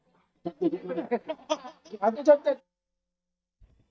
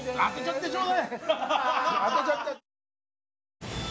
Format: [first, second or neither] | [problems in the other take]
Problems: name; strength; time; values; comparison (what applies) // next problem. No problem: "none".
second | noise reduction (neural mask model DeepFilterNet 3)